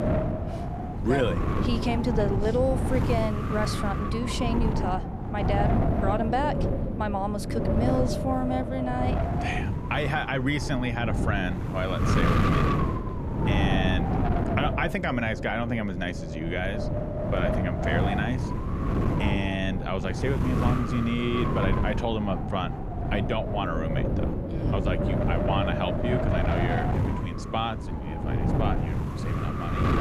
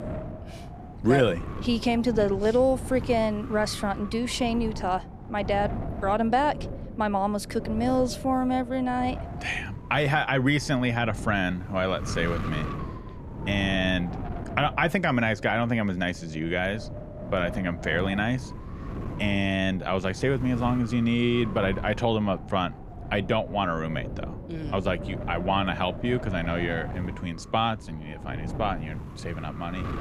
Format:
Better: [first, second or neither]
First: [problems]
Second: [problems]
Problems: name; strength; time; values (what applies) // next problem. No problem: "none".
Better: second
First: wind noise on the microphone; heavy; 2 dB below the speech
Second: wind noise on the microphone; occasional gusts; 15 dB below the speech